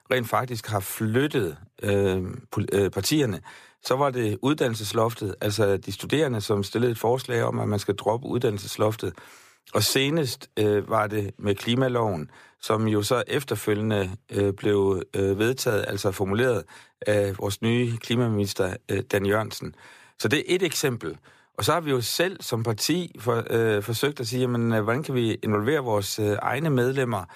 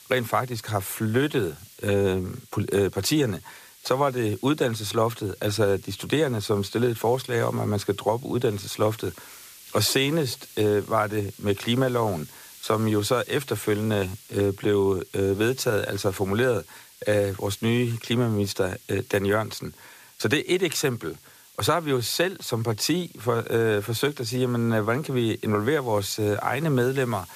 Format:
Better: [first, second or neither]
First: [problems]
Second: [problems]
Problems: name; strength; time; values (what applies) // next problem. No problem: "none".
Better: first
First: none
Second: hiss; faint; throughout; 20 dB below the speech